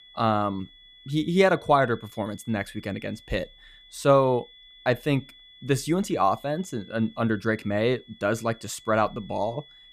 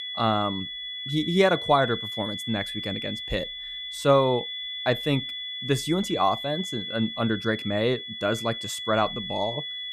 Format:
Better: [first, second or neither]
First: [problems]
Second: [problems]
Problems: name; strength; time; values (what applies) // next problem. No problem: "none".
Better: first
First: high-pitched whine; faint; throughout; 3.5 kHz, 25 dB below the speech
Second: high-pitched whine; loud; throughout; 3.5 kHz, 6 dB below the speech